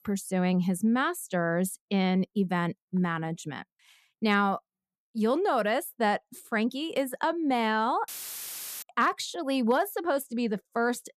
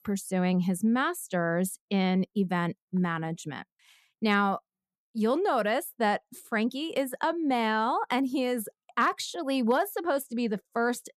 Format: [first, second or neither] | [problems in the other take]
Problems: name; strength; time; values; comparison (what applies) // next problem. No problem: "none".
second | audio cutting out; filled with static; at 8 s for 0.5 s